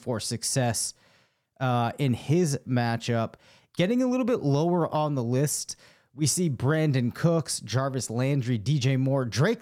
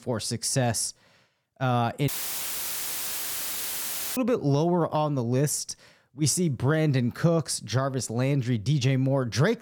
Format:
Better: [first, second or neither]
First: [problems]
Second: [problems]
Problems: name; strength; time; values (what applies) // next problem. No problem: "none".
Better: first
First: none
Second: audio cutting out; filled with static; at 2 s for 2 s